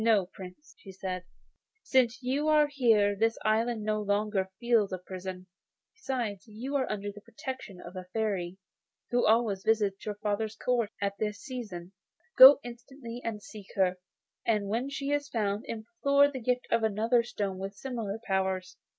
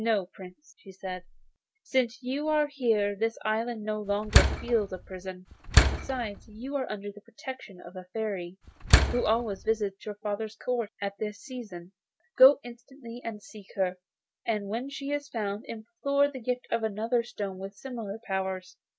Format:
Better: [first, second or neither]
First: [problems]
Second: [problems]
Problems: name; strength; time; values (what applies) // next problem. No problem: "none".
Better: first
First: none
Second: background sound (Slam); 4 dB above the speech